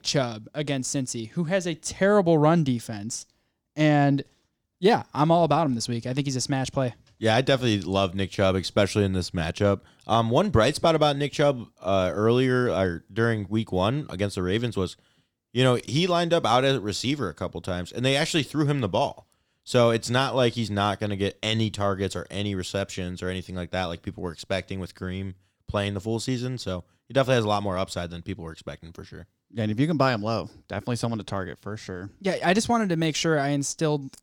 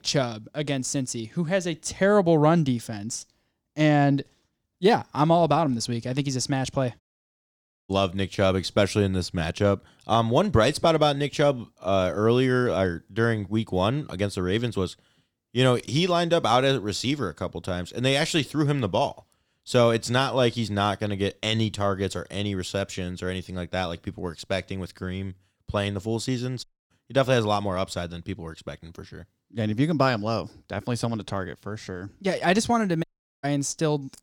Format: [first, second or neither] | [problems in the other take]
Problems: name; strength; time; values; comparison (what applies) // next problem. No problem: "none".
first | audio cutting out; at 7 s for 1 s, at 27 s and at 33 s